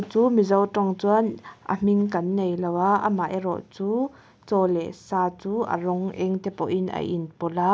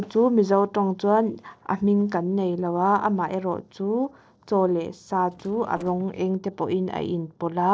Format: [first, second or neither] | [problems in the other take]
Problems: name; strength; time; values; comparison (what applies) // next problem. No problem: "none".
first | noise reduction (neural separator model SepFormer DNS4)